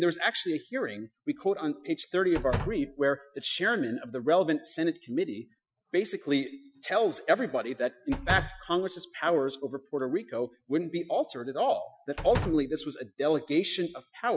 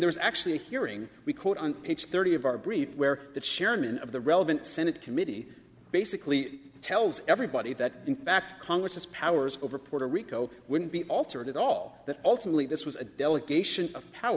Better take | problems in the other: second | noise reduction (classical method Wiener filter)

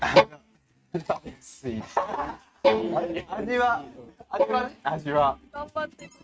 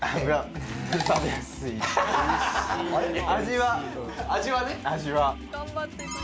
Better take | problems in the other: second | noise reduction (neural mask model RNNoise)

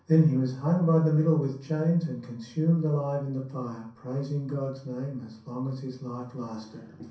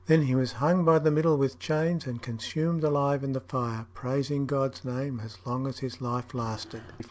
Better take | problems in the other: second | room echo; dies away in 0.6 s

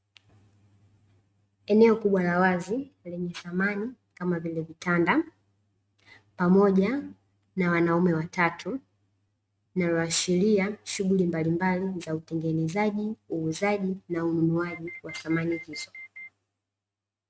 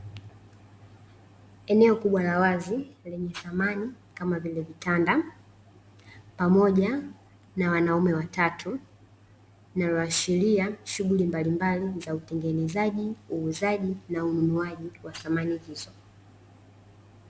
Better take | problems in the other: second | noise reduction (neural mask model RNNoise)

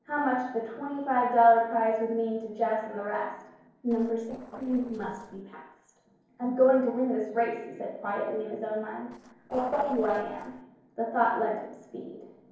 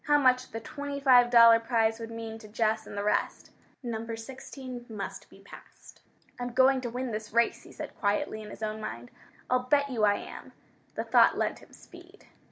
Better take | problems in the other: second | noise reduction (neural separator model SepFormer DNS4)

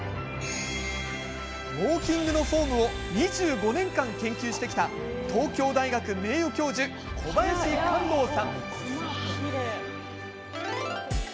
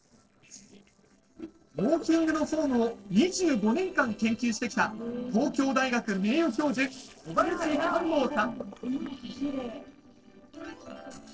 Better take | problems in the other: first | noise reduction (neural separator model SepFormer DNS4)

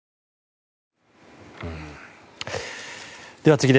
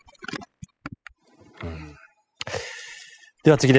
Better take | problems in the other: first | noise reduction (classical method spectral subtraction)

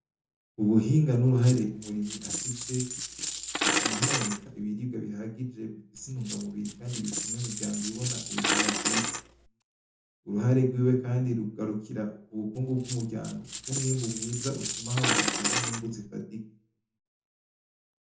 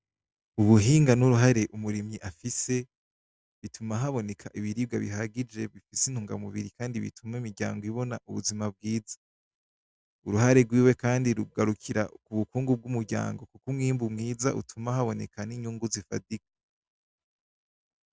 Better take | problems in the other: second | background sound (Coin (dropping)); 2 dB below the speech // room echo; dies away in 0.5 s

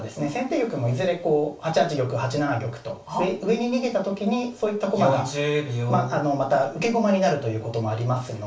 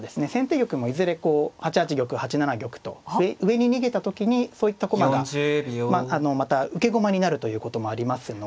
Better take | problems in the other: second | room echo; dies away in 0.3 s

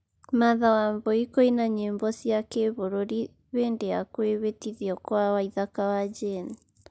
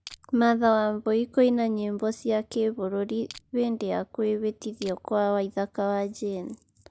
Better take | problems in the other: first | background sound (Crushing); 20 dB below the speech

